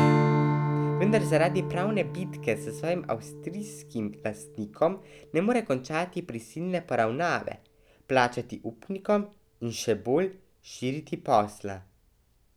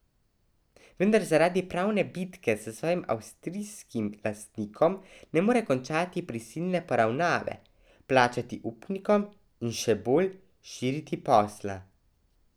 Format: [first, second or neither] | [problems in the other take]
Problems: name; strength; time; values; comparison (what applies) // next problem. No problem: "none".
second | background sound (Strum); 3 dB below the speech